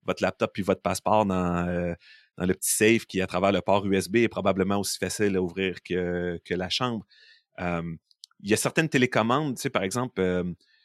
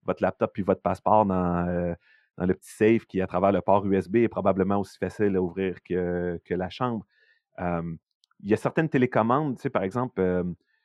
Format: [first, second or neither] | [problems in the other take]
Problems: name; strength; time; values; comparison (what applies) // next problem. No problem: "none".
first | muffled; very; fading above 2.5 kHz